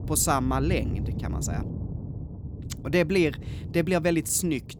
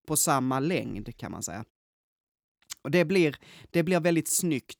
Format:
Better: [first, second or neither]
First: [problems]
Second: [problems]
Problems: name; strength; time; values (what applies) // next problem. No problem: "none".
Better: second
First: low rumble; noticeable; throughout; 20 dB below the speech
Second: none